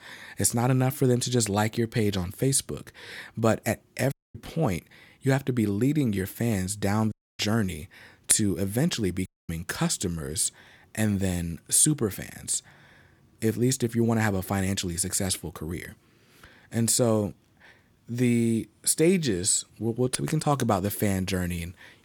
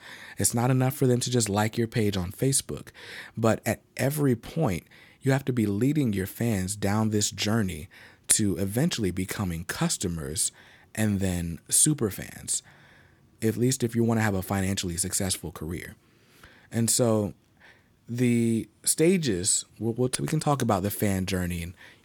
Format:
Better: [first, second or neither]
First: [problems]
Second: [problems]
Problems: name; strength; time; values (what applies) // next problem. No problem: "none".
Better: second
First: audio cutting out; at 4 s, at 7 s and at 9.5 s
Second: none